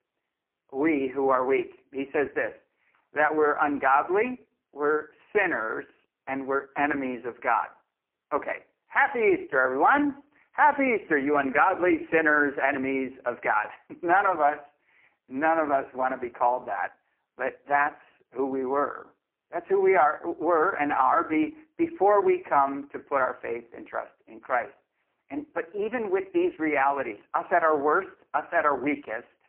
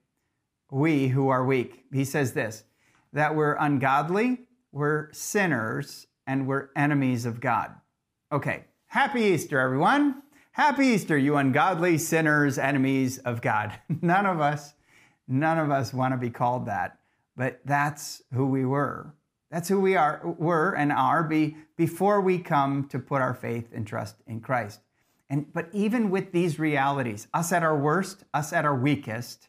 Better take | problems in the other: second | phone-call audio; poor line

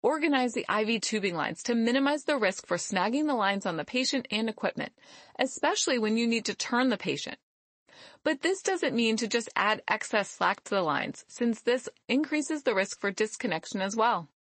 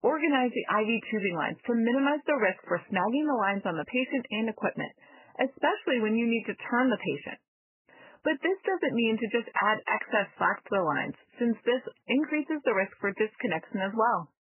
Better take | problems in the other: first | garbled, watery; badly; nothing above 3 kHz; slightly in the first

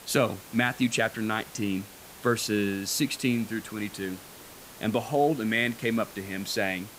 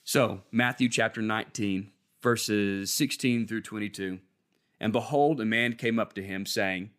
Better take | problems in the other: second | hiss; noticeable; throughout; 15 dB below the speech

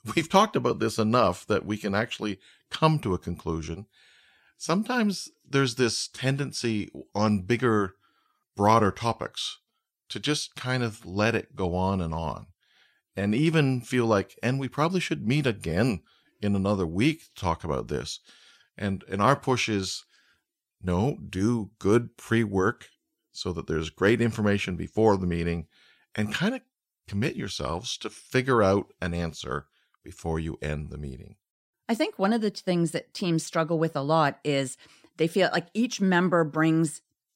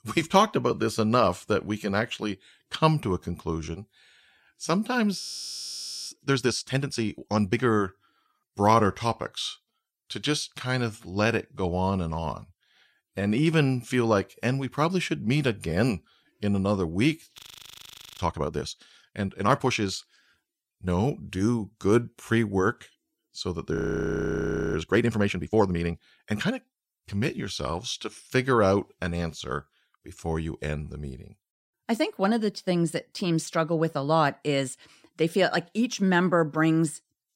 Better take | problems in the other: first | audio freezing; at 5 s for 1 s, at 17 s for 1 s and at 24 s for 1 s

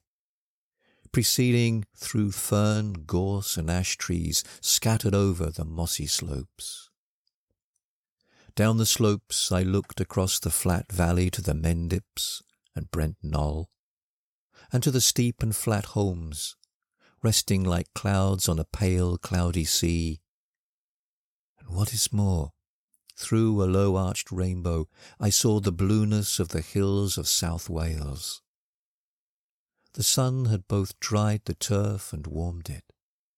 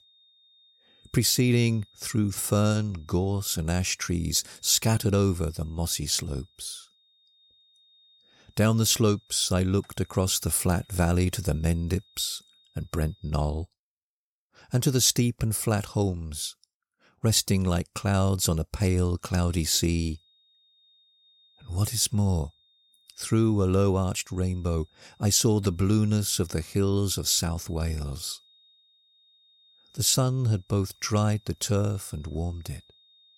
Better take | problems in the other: first | high-pitched whine; faint; until 14 s and from 19 s on; 3.5 kHz, 35 dB below the speech

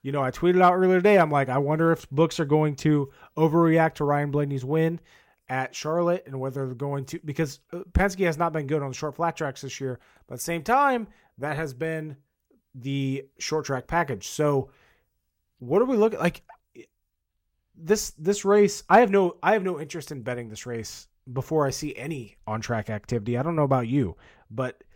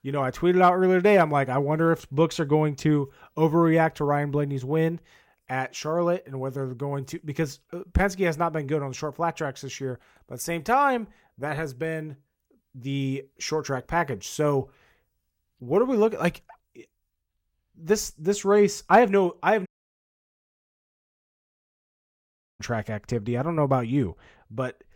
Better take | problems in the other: first | audio cutting out; at 20 s for 3 s

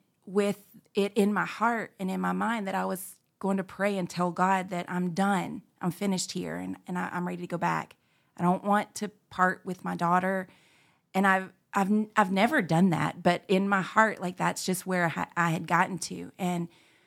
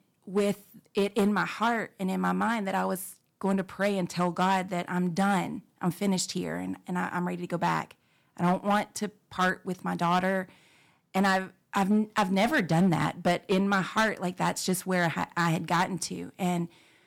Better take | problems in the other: first | distortion; slight; 5% of the sound clipped

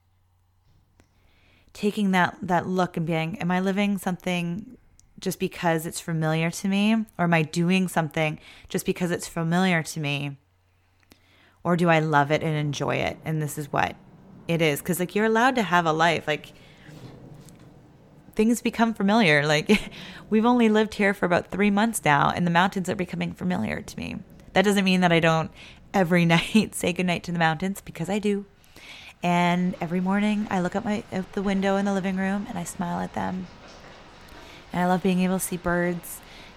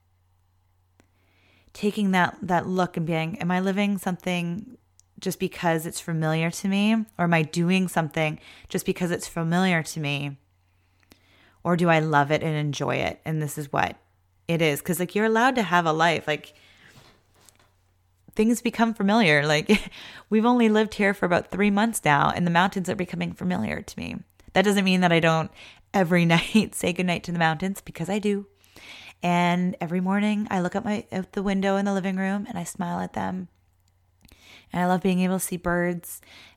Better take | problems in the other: second | rain or running water; faint; throughout; 25 dB below the speech

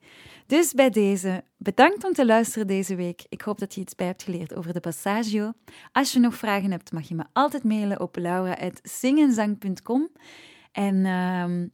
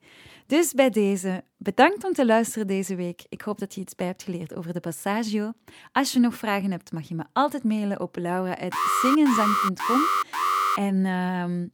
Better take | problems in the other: first | alarm; loud; from 8.5 to 11 s; peak 3 dB above the speech

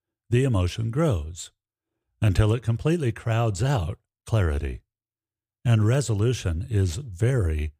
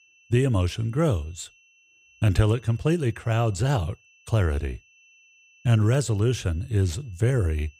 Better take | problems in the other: first | high-pitched whine; faint; throughout; 2.5 kHz, 30 dB below the speech

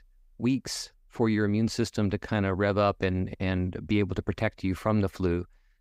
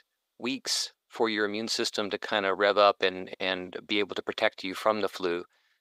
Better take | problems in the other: first | thin; very; fading below 550 Hz

